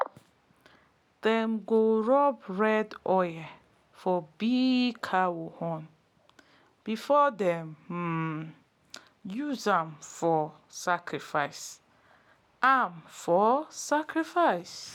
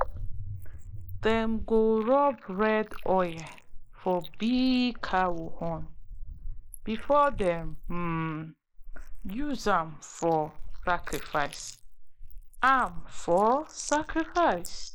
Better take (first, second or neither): first